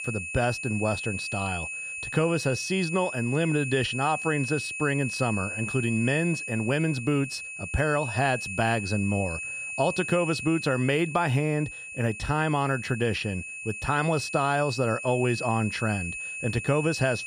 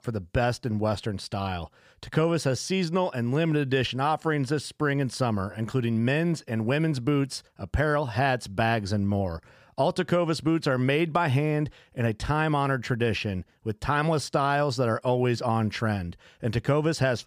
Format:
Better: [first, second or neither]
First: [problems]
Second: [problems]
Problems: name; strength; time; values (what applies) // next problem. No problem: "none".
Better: second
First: high-pitched whine; loud; throughout; 2.5 kHz, 6 dB below the speech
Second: none